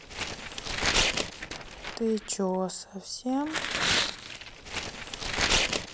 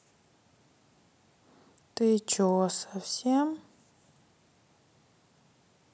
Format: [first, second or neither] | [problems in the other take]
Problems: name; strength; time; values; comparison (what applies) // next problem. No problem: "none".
second | background sound (Tearing); 4 dB above the speech